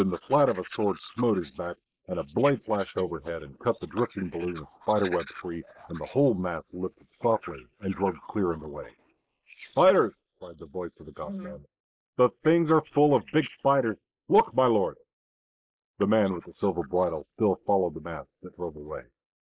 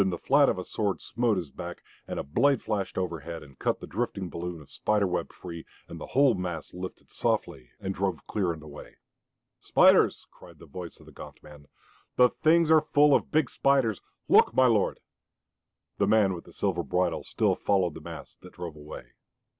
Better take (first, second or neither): second